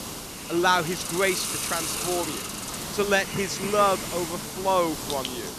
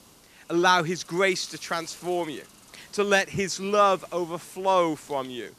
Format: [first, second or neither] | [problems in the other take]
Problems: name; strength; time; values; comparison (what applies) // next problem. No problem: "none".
second | hiss; loud; throughout; 4 dB below the speech; faint in the second